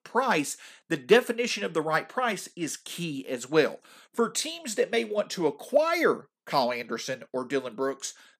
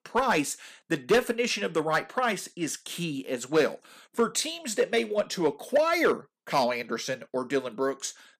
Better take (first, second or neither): first